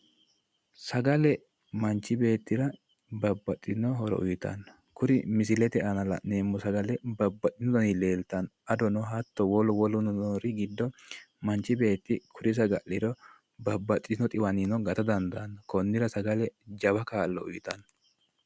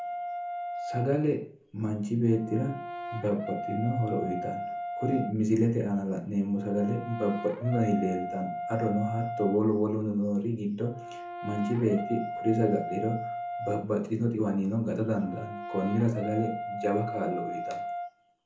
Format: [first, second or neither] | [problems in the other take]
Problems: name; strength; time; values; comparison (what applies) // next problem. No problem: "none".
first | background sound (Brass instrument); 8 dB below the speech // room echo; dies away in 0.6 s